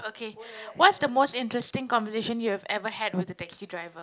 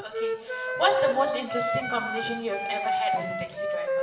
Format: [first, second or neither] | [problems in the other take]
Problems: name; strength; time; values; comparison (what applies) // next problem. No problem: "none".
first | background sound (Wind instrument, woodwind instrument); 2 dB above the speech // room echo; dies away in 1.2 s